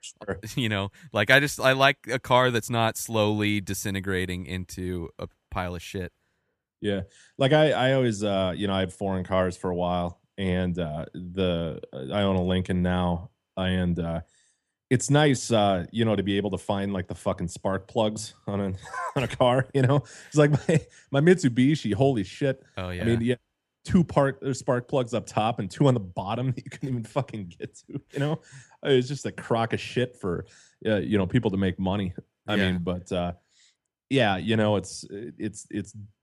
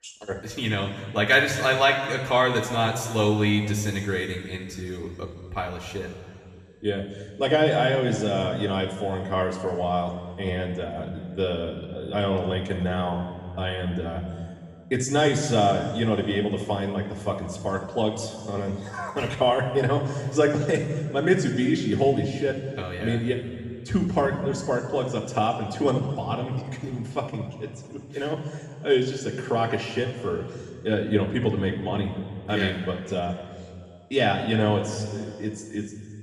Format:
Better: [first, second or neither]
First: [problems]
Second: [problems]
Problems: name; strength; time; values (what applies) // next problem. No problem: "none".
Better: first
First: none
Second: room echo; noticeable; dies away in 2.1 s // off-mic speech; far